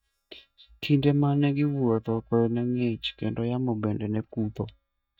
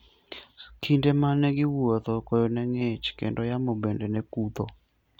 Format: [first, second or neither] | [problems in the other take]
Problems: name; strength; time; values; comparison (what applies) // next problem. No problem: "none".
second | noise reduction (neural mask model DeepFilterNet 3)